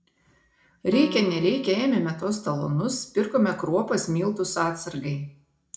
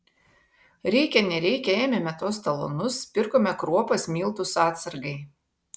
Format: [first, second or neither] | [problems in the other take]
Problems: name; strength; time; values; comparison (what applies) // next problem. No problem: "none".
second | background sound (Piano); 16 dB below the speech // room echo; dies away in 0.3 s